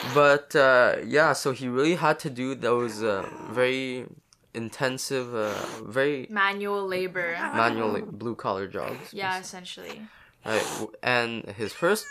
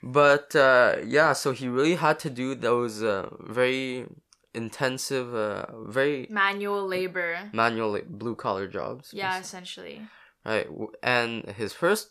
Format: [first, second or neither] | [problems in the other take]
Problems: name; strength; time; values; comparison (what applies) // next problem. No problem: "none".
second | hiss; noticeable; throughout; 10 dB below the speech